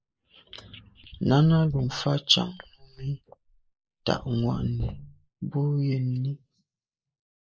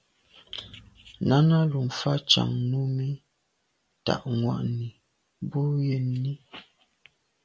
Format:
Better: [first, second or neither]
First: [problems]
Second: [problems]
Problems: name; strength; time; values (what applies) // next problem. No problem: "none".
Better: second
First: noise reduction (neural mask model Resemble Enhance denoiser)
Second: none